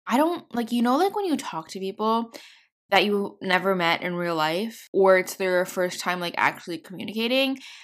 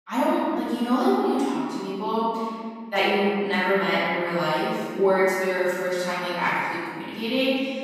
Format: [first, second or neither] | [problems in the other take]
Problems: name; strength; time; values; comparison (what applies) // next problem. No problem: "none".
first | off-mic speech; far // room echo; strong; dies away in 1.7 s